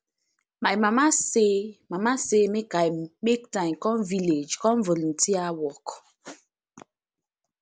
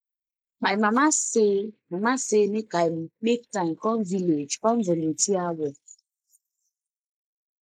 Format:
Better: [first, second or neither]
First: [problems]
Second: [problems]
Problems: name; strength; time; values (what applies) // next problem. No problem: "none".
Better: first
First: none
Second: noise reduction (neural mask model Resemble Enhance denoiser)